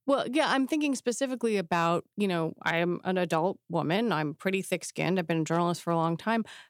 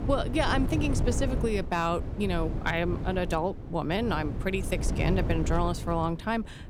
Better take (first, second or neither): first